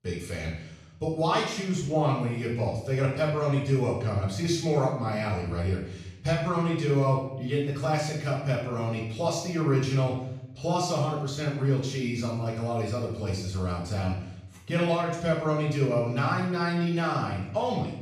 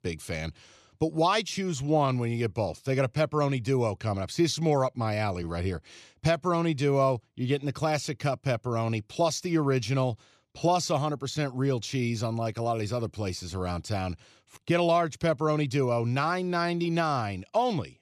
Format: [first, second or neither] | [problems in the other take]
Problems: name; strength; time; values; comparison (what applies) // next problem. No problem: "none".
second | off-mic speech; far // room echo; noticeable; dies away in 0.7 s